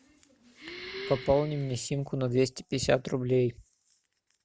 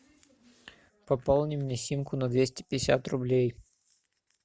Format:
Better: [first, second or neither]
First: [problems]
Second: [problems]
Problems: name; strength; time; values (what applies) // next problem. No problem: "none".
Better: second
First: background sound (Breathing); 14 dB below the speech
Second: none